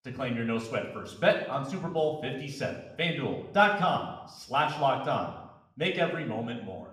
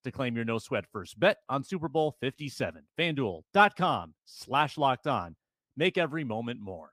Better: second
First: room echo; slight; dies away in 0.8 s // off-mic speech; somewhat distant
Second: none

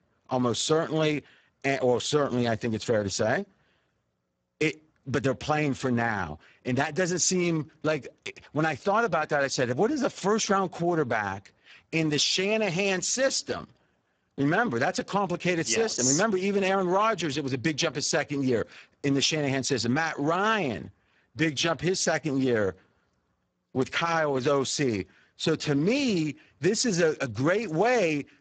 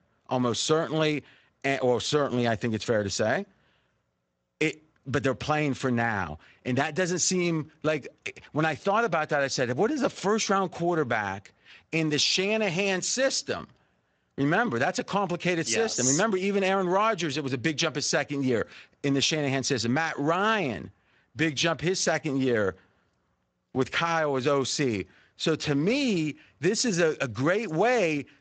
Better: second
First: garbled, watery; badly; nothing above 7.5 kHz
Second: garbled, watery; slightly; nothing above 7.5 kHz

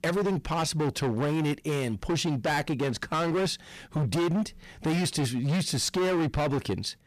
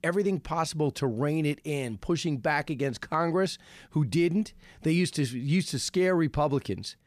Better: second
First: distortion; heavy; 24% of the sound clipped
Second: none

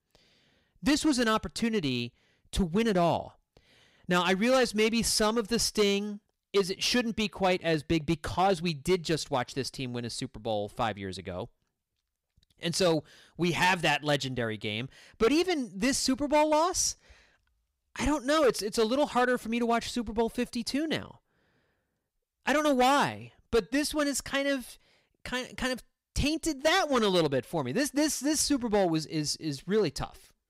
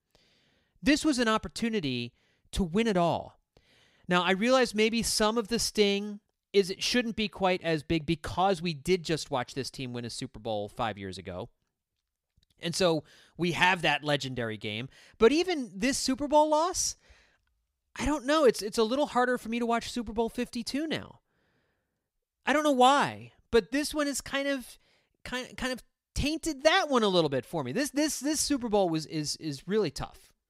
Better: second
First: distortion; slight; 4% of the sound clipped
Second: none

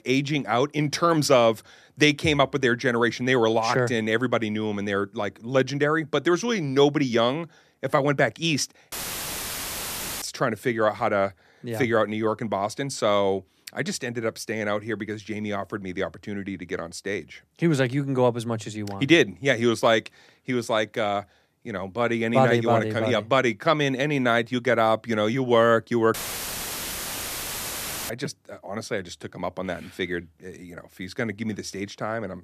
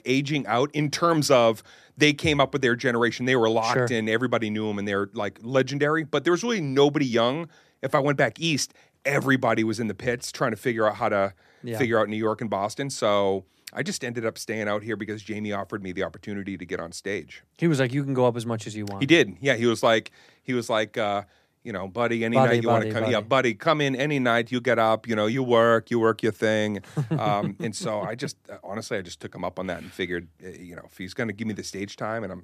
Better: second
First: audio cutting out; filled with static; at 9 s for 1.5 s and at 26 s for 2 s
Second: none

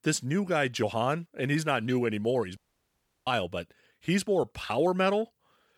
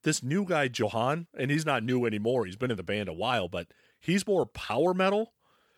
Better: second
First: audio cutting out; at 2.5 s for 0.5 s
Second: none

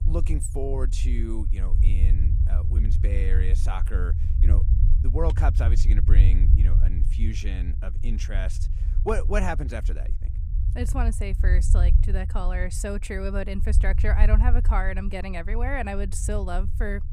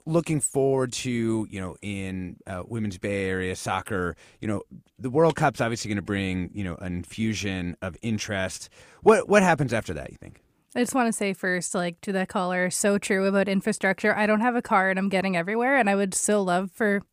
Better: second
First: low rumble; noticeable; throughout; 10 dB below the speech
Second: none

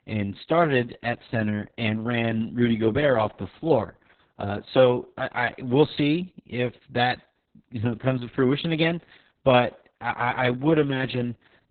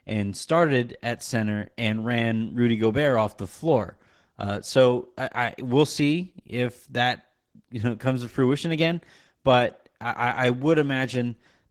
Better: second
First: garbled, watery; badly; nothing above 4 kHz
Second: garbled, watery; slightly; nothing above 19 kHz

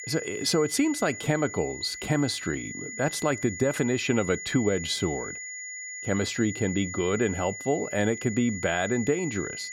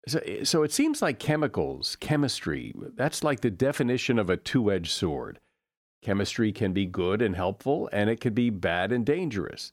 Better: second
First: high-pitched whine; loud; throughout; 2 kHz, 9 dB below the speech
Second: none

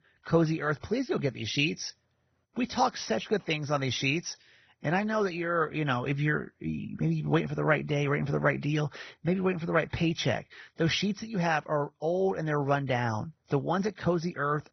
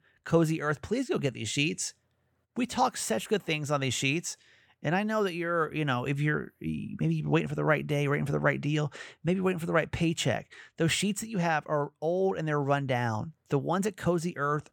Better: second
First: garbled, watery; badly; nothing above 6 kHz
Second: none

